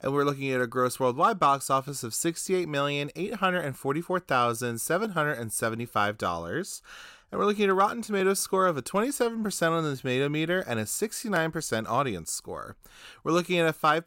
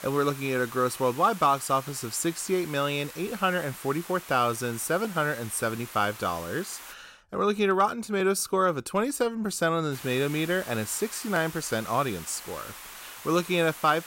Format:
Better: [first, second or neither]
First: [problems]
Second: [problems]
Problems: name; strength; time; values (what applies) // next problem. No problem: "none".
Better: first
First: none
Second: hiss; noticeable; until 7 s and from 10 s on; 15 dB below the speech